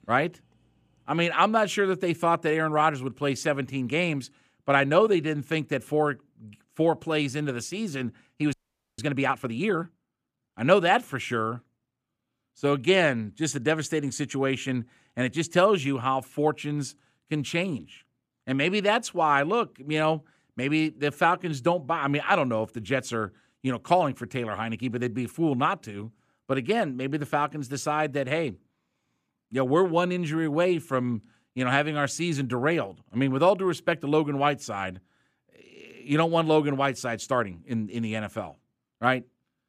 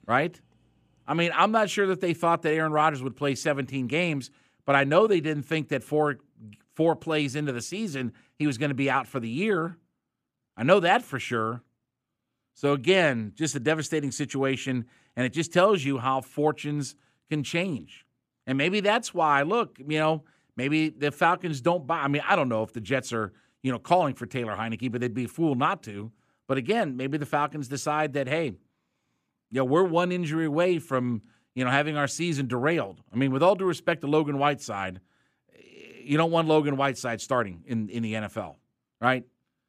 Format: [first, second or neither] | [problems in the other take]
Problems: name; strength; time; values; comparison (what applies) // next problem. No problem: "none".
second | audio freezing; at 8.5 s